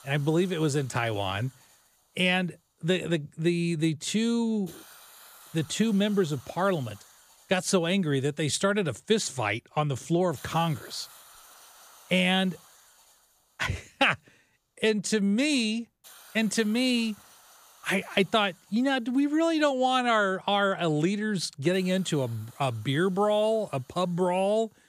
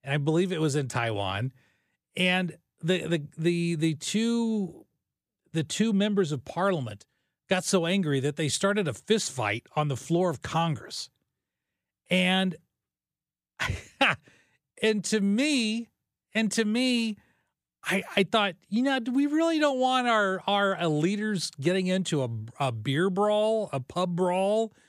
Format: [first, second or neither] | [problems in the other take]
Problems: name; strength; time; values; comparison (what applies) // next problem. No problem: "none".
second | hiss; faint; throughout; 25 dB below the speech